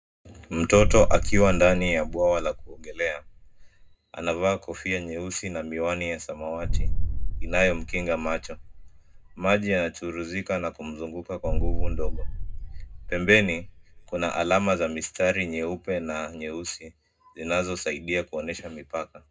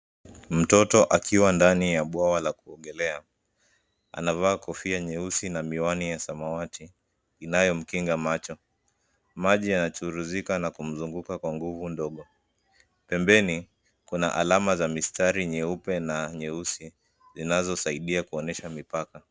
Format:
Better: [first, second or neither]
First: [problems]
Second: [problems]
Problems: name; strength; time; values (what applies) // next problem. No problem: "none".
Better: second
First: background sound (Boom); 1 dB above the speech // room echo; dies away in 0.2 s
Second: none